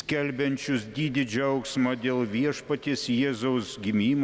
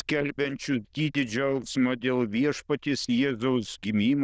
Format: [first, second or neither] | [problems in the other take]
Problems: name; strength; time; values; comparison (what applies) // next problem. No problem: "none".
first | noise reduction (neural diffusion model UNIVERSE++)